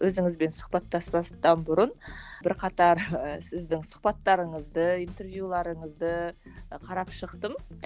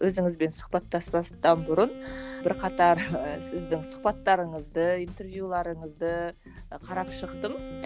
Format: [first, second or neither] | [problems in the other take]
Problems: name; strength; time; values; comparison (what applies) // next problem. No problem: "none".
first | background sound (Wind instrument, woodwind instrument); 15 dB below the speech